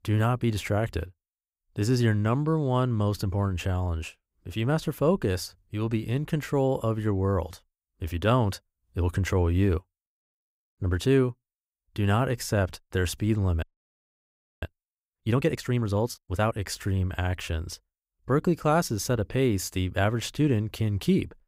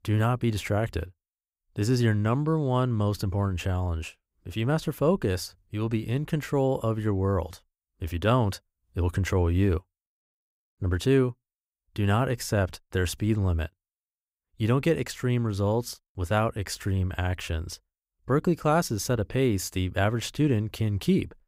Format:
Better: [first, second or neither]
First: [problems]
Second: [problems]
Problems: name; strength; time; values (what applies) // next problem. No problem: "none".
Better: second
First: audio freezing; at 14 s for 1 s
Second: none